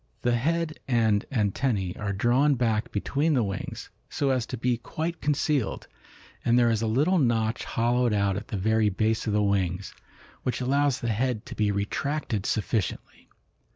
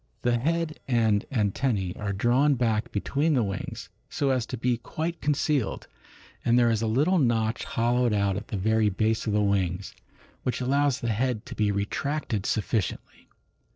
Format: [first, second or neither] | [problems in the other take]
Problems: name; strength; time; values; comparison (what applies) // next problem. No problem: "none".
first | noise reduction (neural separator model SepFormer DNS4)